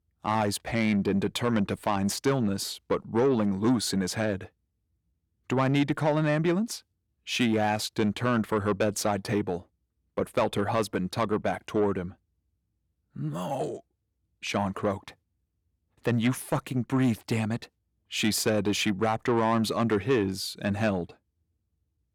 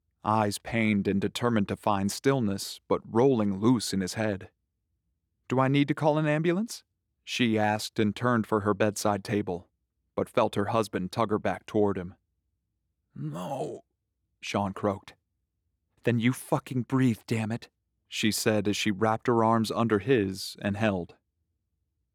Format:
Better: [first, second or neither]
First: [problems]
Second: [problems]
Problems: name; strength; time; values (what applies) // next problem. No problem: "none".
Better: second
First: distortion; slight; 10 dB below the speech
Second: none